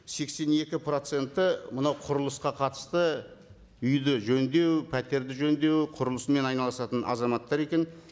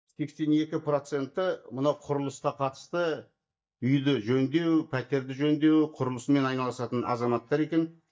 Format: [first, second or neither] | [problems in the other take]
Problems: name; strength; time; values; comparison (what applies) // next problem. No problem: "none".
first | noise reduction (neural mask model DeepFilterNet 3)